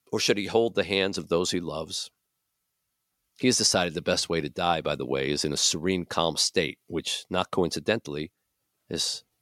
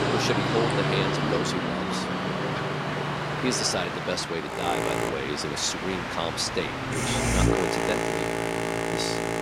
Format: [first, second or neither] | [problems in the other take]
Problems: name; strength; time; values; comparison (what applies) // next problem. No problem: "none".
first | train or aircraft noise; very loud; throughout; 3 dB above the speech